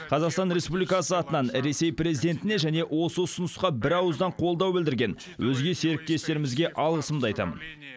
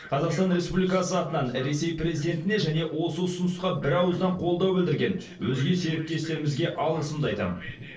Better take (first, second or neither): first